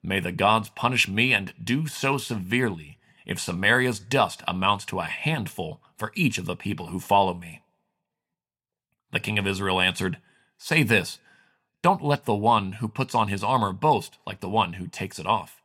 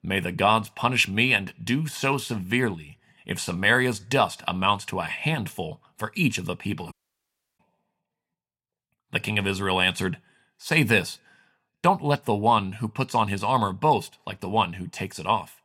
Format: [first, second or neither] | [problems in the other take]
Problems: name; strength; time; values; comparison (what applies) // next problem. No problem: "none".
first | audio cutting out; at 7 s for 0.5 s